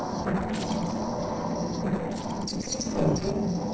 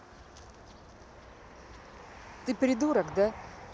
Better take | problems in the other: second | noise reduction (neural separator model SepFormer DNS4)

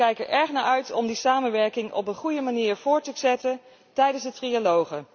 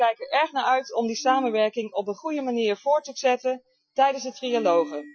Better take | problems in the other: first | noise reduction (classical method Wiener filter)

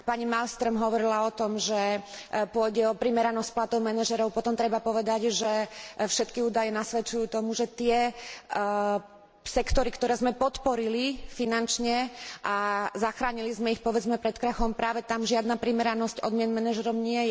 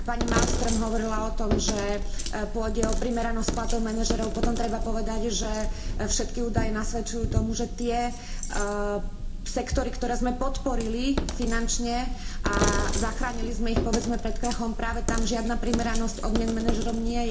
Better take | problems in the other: first | background sound (Coin (dropping)); 2 dB above the speech // room echo; dies away in 0.4 s

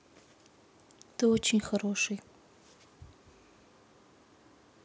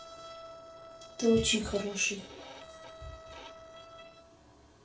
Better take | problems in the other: first | noise reduction (neural separator model SepFormer DNS4)

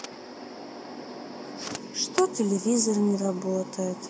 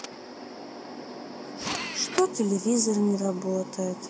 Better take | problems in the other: first | background sound (Drill); 12 dB below the speech

